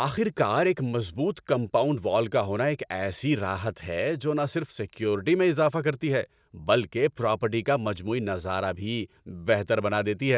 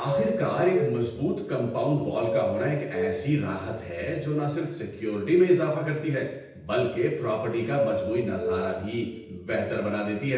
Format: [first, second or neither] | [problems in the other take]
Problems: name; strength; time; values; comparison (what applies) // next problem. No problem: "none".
first | background sound (Doorbell); 6 dB below the speech // room echo; dies away in 0.8 s